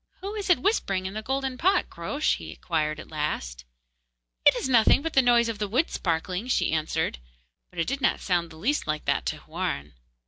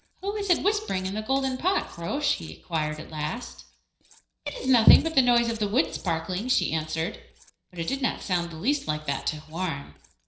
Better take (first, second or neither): first